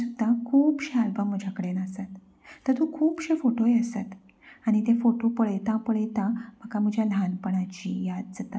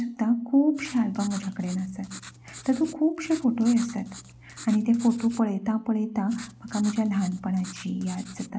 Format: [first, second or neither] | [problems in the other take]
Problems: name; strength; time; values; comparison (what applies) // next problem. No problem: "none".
first | background sound (Writing); 18 dB below the speech